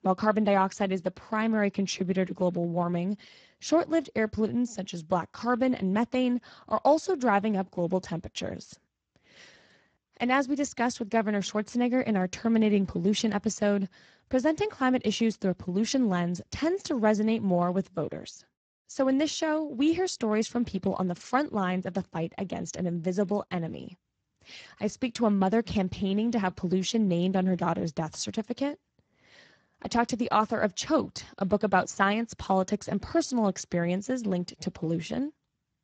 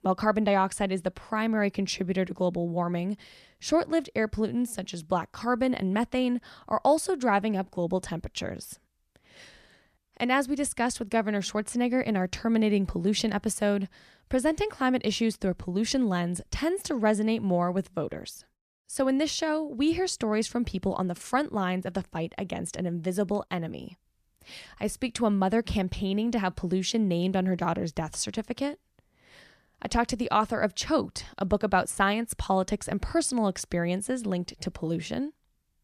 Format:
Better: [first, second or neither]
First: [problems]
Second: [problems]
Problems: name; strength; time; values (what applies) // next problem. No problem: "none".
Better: second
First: garbled, watery; badly; nothing above 7.5 kHz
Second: none